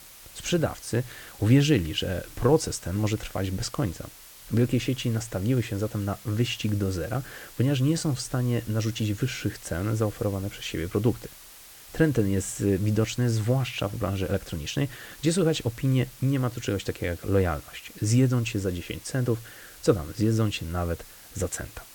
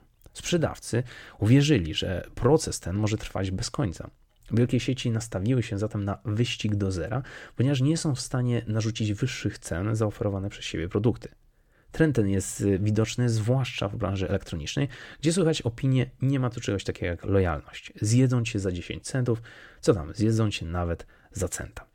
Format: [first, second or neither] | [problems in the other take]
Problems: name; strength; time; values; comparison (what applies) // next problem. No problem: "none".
second | hiss; noticeable; throughout; 20 dB below the speech